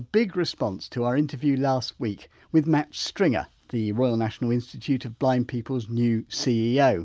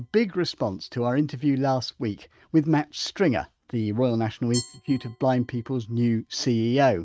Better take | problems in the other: first | noise reduction (neural mask model RNNoise)

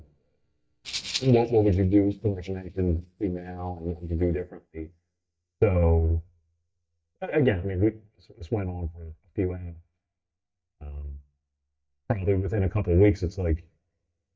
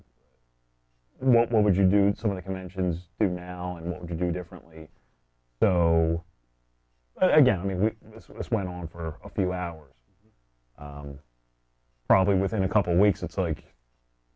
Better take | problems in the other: second | noise reduction (neural mask model DeepFilterNet 3)

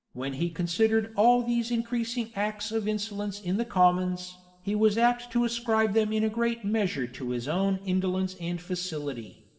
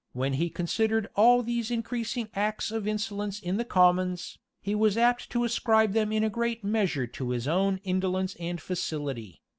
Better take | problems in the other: second | room echo; dies away in 2 s

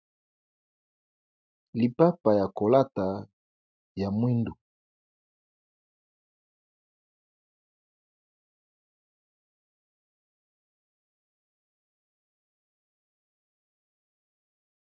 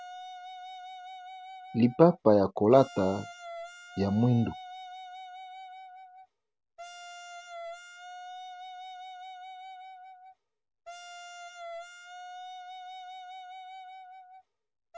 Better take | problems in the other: first | background sound (Wind instrument, woodwind instrument); 13 dB below the speech

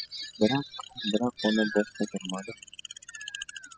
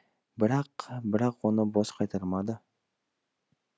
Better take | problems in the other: second | noise reduction (classical method spectral subtraction)

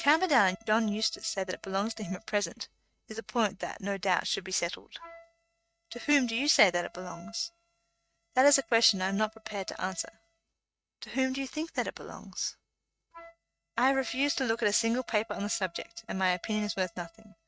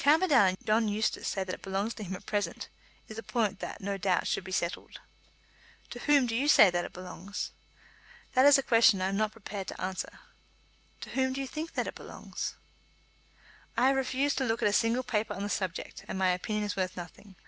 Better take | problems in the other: second | noise reduction (neural mask model RNNoise)

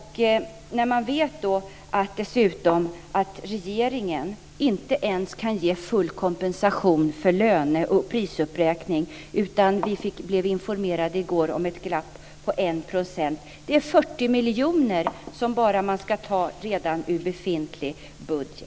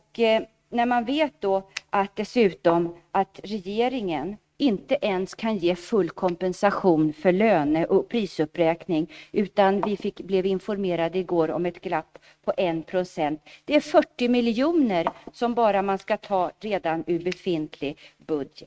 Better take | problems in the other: first | noise reduction (neural mask model RNNoise)

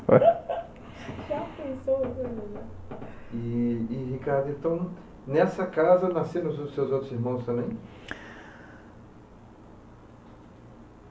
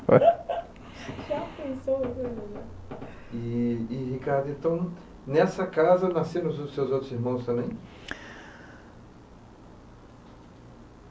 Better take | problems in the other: second | room echo; dies away in 2.5 s

